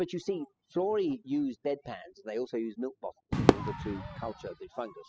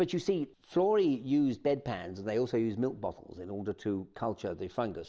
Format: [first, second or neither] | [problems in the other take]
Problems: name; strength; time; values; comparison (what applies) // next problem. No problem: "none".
second | noise reduction (classical method spectral subtraction)